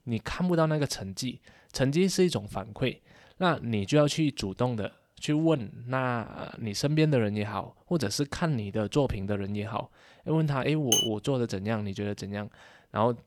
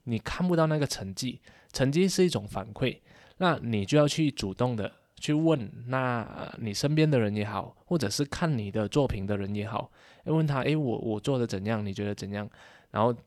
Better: second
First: clattering dishes; loud; at 11 s; peak 4 dB above the speech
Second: none

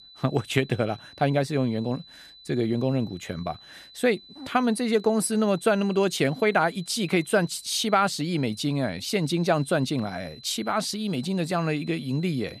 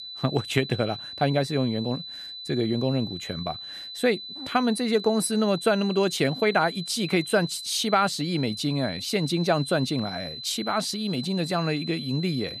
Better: first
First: high-pitched whine; faint; throughout; 4 kHz, 20 dB below the speech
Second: high-pitched whine; loud; throughout; 4 kHz, 9 dB below the speech

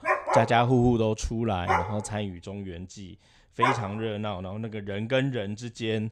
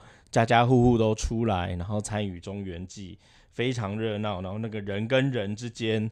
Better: second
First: dog barking; loud; until 4 s; peak 3 dB above the speech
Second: none

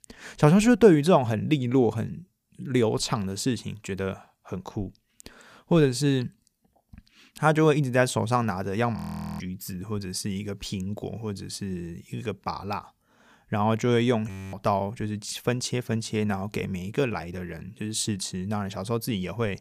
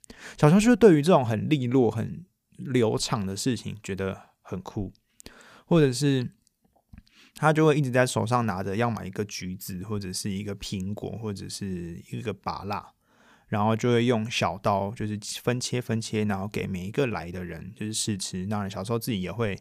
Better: second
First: audio freezing; at 9 s and at 14 s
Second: none

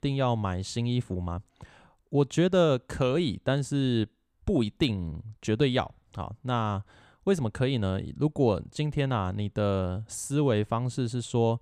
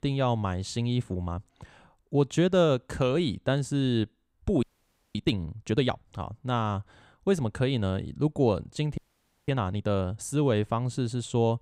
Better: first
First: none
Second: audio freezing; at 4.5 s for 0.5 s and at 9 s for 0.5 s

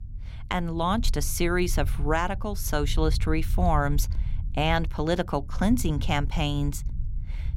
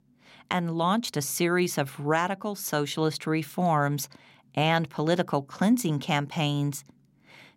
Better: second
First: low rumble; faint; throughout; 20 dB below the speech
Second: none

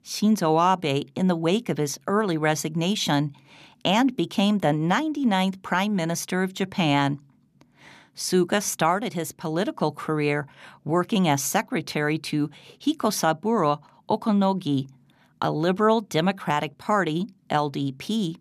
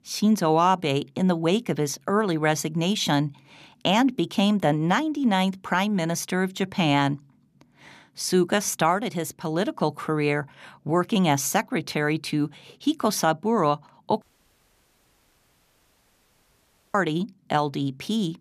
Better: first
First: none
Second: audio cutting out; at 14 s for 2.5 s

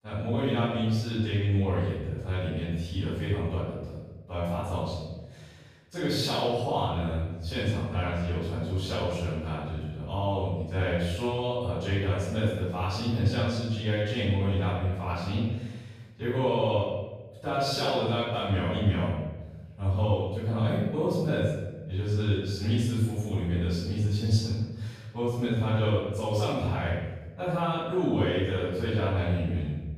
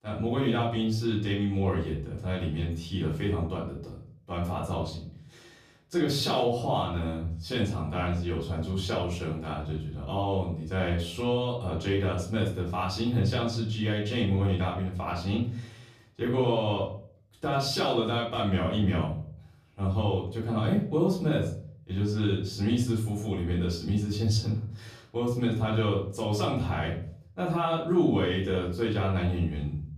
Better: second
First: room echo; strong; dies away in 1.1 s // off-mic speech; far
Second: room echo; slight; dies away in 0.5 s // off-mic speech; far

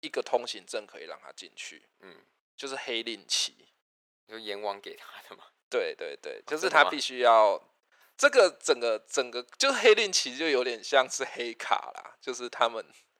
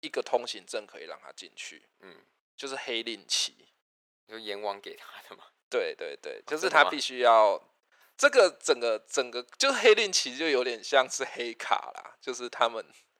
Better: neither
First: thin; very; fading below 500 Hz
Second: thin; very; fading below 500 Hz

